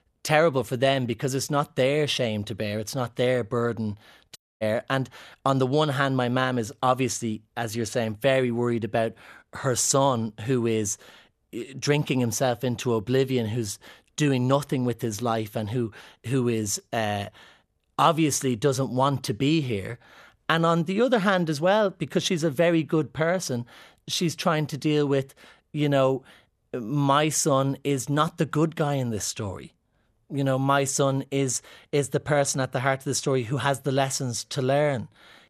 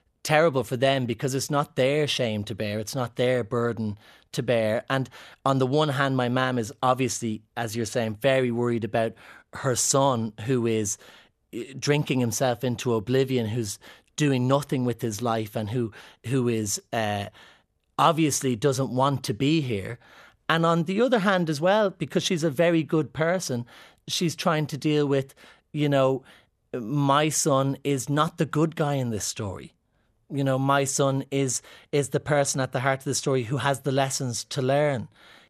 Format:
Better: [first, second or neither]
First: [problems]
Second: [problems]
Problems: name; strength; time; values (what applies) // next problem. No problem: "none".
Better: second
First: audio cutting out; at 4.5 s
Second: none